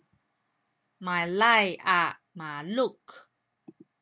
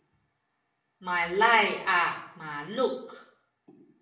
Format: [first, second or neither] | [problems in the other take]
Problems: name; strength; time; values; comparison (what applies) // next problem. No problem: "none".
first | room echo; dies away in 0.6 s